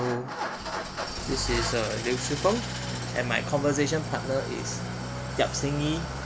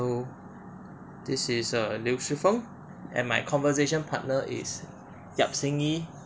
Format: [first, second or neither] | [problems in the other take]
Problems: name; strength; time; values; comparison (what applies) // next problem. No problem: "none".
second | background sound (Idling / Engine starting); 3 dB below the speech